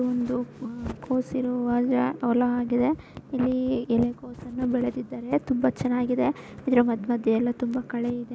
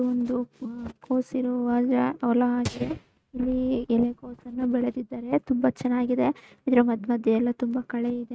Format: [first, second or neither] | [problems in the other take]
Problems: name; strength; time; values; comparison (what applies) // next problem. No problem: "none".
first | noise reduction (neural mask model RNNoise)